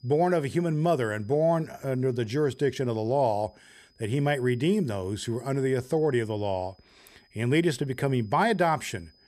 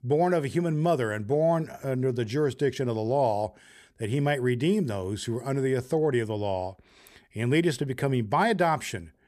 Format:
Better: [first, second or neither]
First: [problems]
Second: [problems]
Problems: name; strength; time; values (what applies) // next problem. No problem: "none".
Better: second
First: high-pitched whine; faint; throughout; 5 kHz, 35 dB below the speech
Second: none